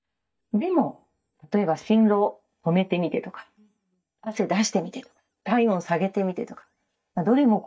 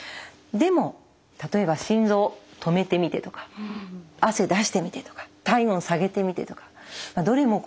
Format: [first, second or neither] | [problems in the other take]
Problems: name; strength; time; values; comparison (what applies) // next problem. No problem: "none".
second | noise reduction (neural mask model DeepFilterNet 3)